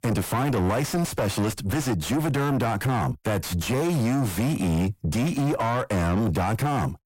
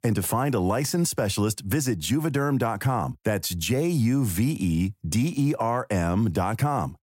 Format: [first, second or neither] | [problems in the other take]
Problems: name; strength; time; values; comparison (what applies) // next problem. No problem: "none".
second | distortion; heavy; 6 dB below the speech